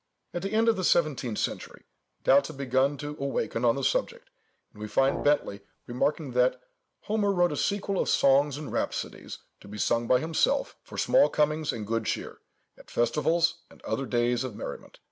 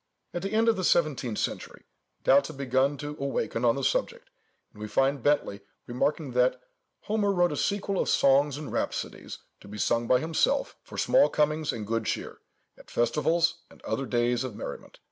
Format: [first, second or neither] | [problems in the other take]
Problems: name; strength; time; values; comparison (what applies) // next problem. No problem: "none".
second | background sound (Brass instrument); 11 dB below the speech